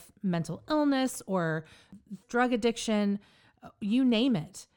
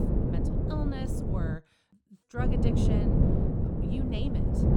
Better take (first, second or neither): first